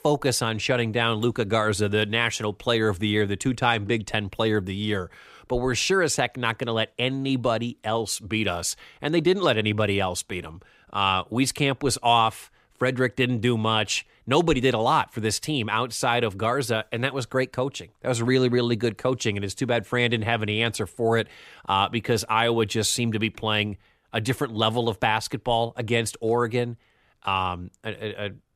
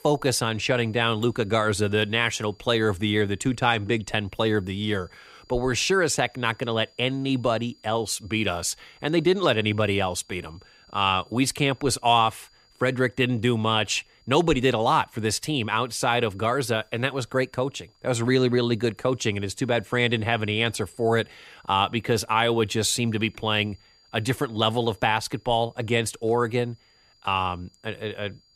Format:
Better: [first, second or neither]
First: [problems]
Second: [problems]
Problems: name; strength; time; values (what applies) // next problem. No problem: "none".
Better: first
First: none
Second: high-pitched whine; faint; throughout; 5 kHz, 35 dB below the speech